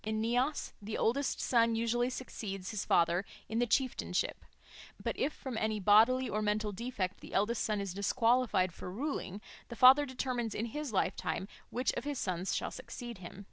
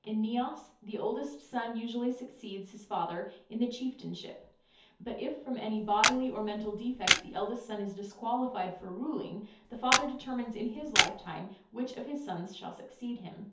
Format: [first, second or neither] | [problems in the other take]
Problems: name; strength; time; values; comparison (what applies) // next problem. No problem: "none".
first | background sound (Camera); 4 dB above the speech // room echo; dies away in 0.5 s